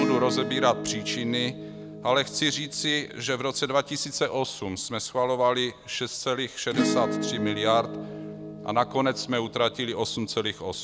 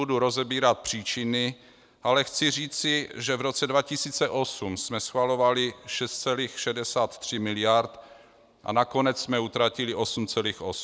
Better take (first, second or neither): second